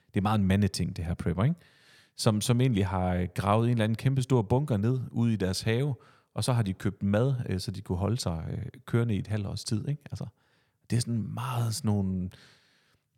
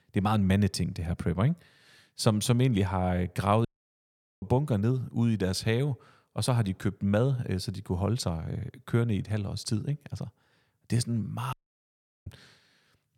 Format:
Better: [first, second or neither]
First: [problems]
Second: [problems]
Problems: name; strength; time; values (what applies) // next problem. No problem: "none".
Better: first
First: none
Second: audio cutting out; at 3.5 s for 1 s and at 12 s for 0.5 s